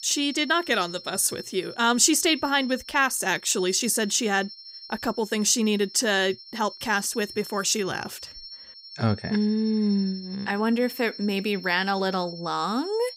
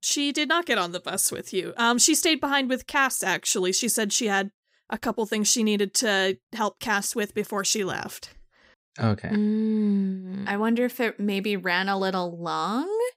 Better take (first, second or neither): second